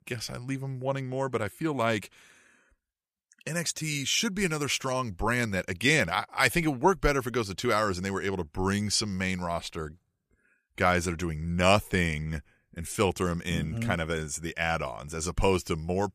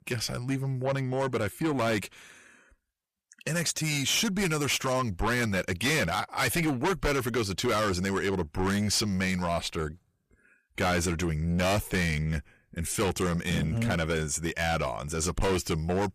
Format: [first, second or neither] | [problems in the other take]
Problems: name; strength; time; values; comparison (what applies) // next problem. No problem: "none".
first | distortion; heavy; 6 dB below the speech